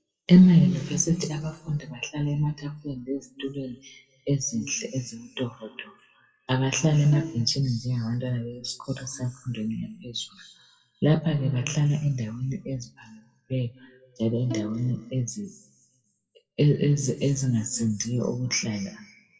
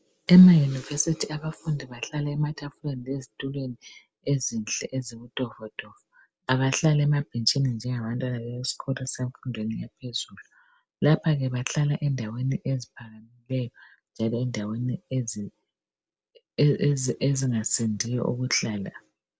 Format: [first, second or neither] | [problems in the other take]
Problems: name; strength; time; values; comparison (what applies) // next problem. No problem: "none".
second | noise reduction (classical method WPE with log-MMSE)